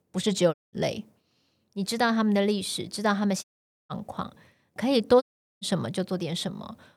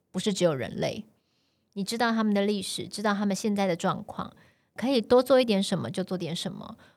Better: second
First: audio cutting out; at 0.5 s, at 3.5 s and at 5 s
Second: none

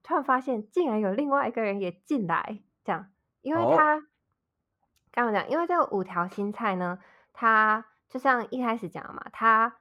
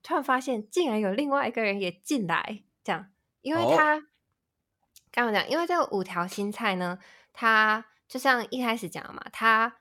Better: second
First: muffled; very; fading above 2.5 kHz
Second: none

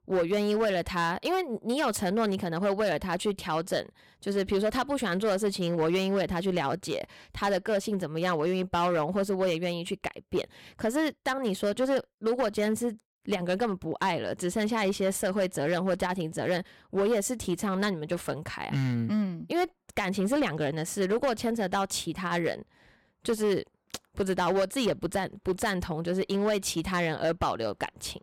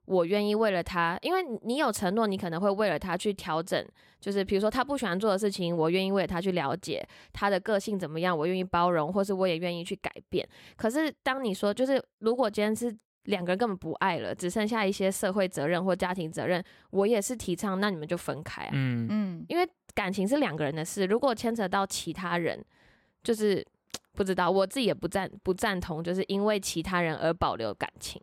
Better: second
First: distortion; slight; 6% of the sound clipped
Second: none

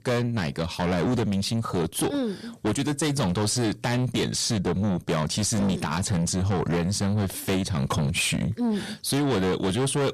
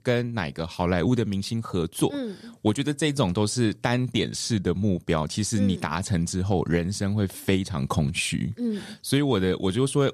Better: second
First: distortion; heavy; 6 dB below the speech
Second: none

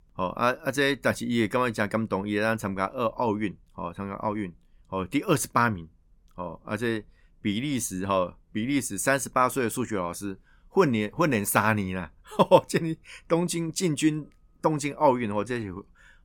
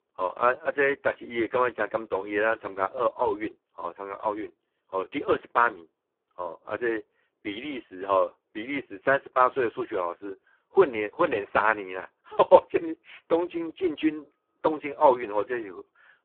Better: first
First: none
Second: phone-call audio; poor line

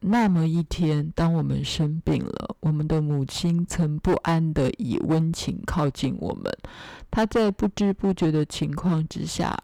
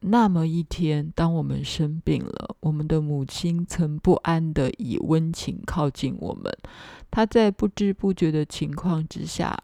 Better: second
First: distortion; slight; 8% of the sound clipped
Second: none

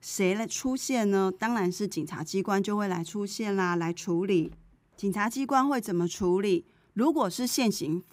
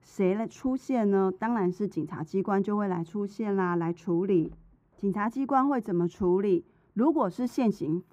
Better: first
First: none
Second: muffled; very; fading above 2.5 kHz

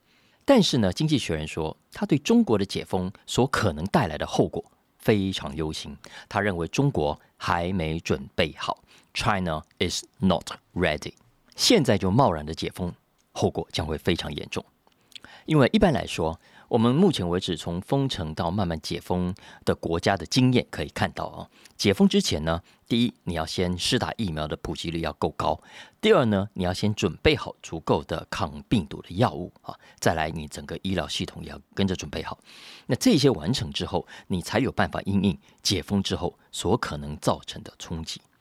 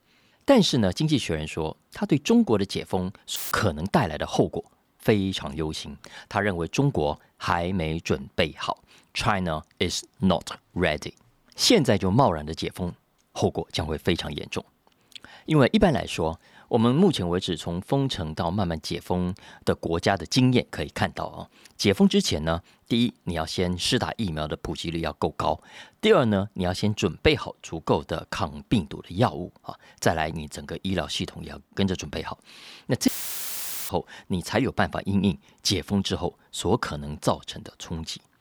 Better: first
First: none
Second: audio cutting out; filled with static; at 3.5 s and at 33 s for 1 s

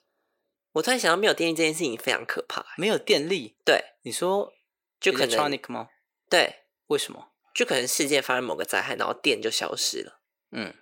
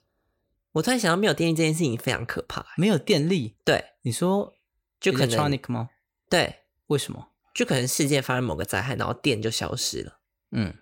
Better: second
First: thin; somewhat; fading below 400 Hz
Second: none

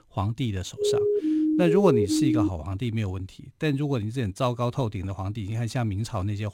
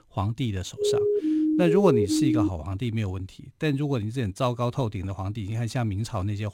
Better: neither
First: siren; loud; from 1 to 2.5 s; peak 4 dB above the speech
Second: siren; loud; from 1 to 2.5 s; peak 4 dB above the speech

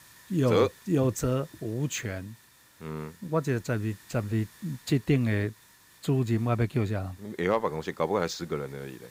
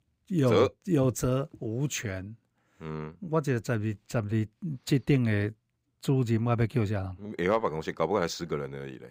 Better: second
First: hiss; faint; throughout; 25 dB below the speech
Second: none

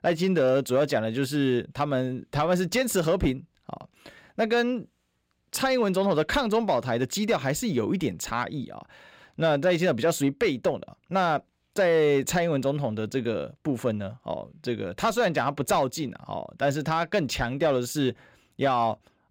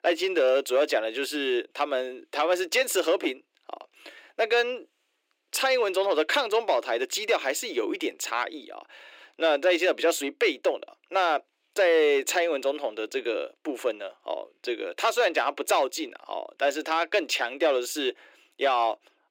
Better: first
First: none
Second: thin; very; fading below 300 Hz

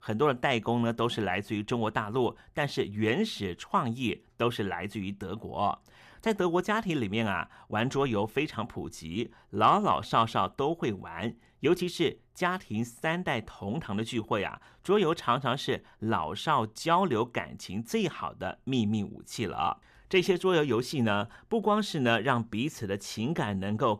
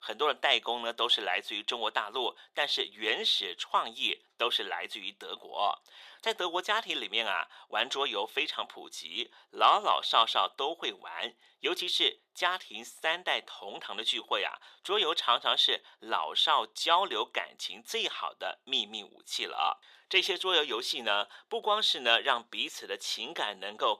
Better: first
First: none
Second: thin; very; fading below 500 Hz

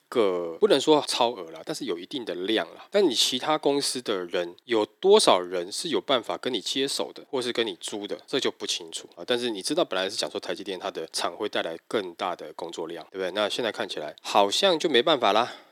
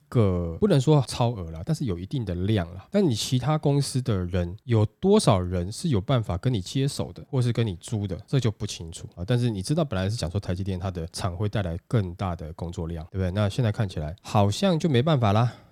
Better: second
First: thin; very; fading below 350 Hz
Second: none

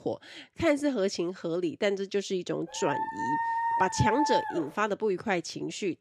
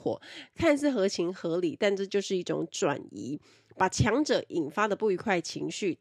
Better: second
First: dog barking; loud; from 2.5 to 4.5 s; peak 2 dB above the speech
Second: none

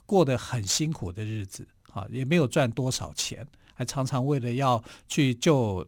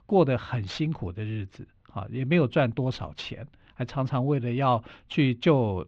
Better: first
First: none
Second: muffled; very; fading above 3.5 kHz

